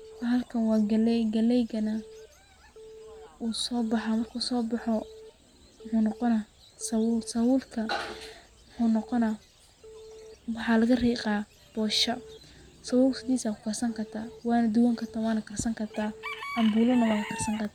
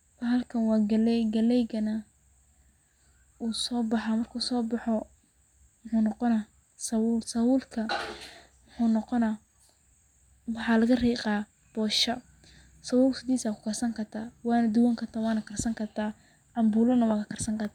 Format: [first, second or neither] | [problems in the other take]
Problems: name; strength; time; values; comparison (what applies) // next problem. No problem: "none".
second | background sound (Bird / Chicken, rooster + Telephone); 17 dB below the speech